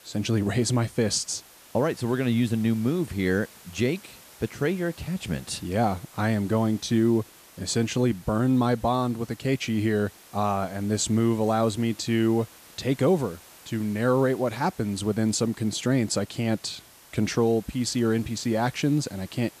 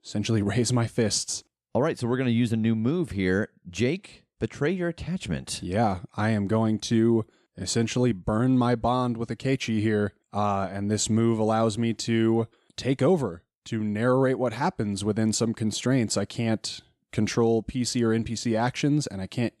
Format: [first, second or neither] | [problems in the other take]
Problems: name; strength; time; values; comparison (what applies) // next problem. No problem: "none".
second | hiss; faint; throughout; 20 dB below the speech